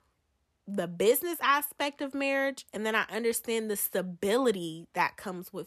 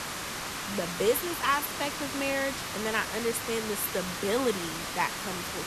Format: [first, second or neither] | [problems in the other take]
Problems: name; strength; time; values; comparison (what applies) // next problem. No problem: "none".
first | hiss; loud; throughout; 3 dB below the speech